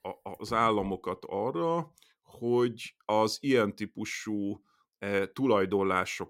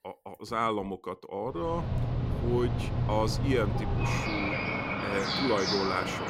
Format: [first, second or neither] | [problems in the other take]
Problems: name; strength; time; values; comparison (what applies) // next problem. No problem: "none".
first | animal sounds; very loud; from 1.5 s on; 1 dB above the speech